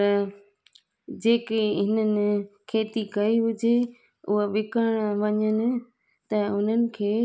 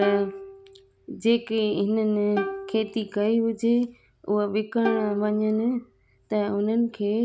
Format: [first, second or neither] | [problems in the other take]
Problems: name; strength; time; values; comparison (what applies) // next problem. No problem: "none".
first | background sound (Plucked string instrument); 12 dB below the speech